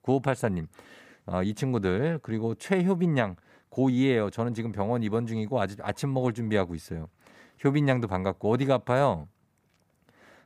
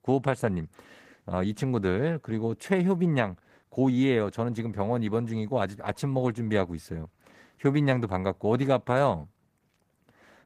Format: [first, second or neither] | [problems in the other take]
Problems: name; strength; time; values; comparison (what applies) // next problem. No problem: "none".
first | garbled, watery; slightly; nothing above 15 kHz